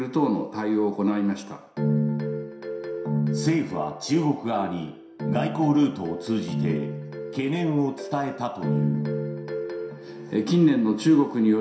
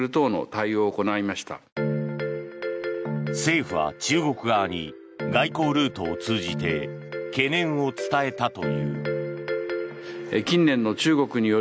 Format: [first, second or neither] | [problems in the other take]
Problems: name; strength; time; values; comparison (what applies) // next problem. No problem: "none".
second | room echo; dies away in 0.7 s